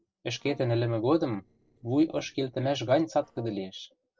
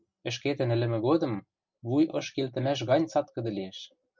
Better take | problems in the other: second | noise reduction (neural separator model SepFormer DNS4)

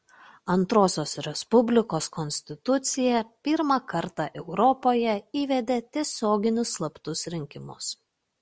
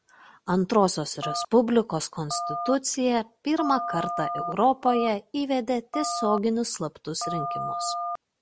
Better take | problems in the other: first | background sound (Telephone); 7 dB below the speech

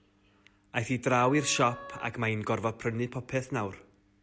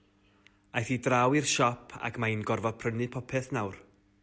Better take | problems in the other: second | background sound (Wind instrument, woodwind instrument); 17 dB below the speech

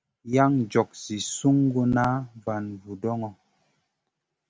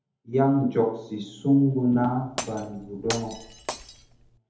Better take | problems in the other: first | background sound (Glass); 12 dB below the speech // room echo; dies away in 0.7 s

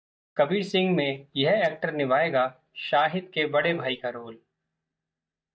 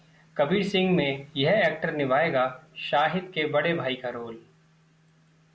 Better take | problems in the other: second | noise reduction (neural mask model DeepFilterNet 3)

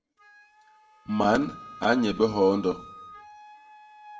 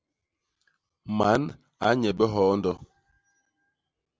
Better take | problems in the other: second | background sound (Wind instrument, woodwind instrument); 18 dB below the speech // room echo; dies away in 0.4 s

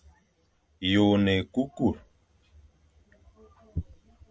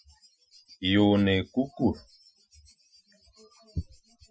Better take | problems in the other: first | noise reduction (classical method Wiener filter)

